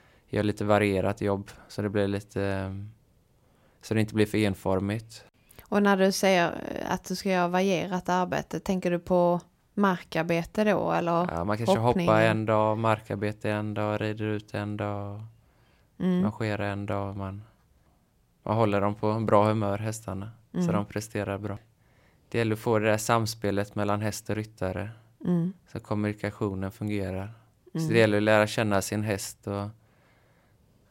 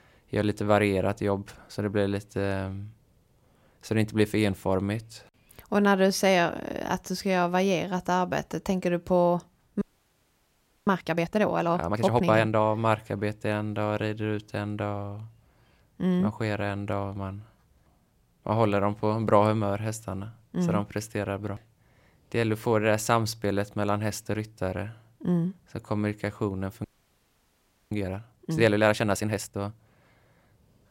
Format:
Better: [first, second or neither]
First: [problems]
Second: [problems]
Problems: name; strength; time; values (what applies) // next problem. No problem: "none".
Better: first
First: none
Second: audio freezing; at 10 s for 1 s and at 27 s for 1 s